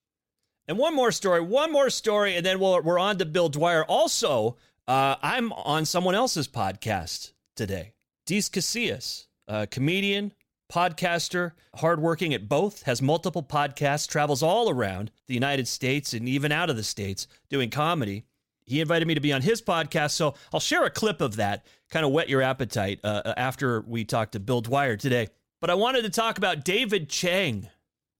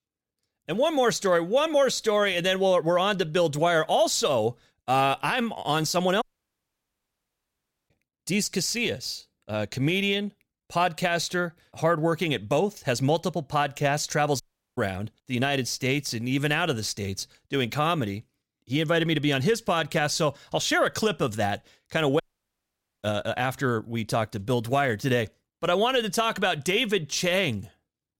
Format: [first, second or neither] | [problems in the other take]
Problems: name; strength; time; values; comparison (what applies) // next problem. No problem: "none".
first | audio cutting out; at 6 s for 1.5 s, at 14 s and at 22 s for 1 s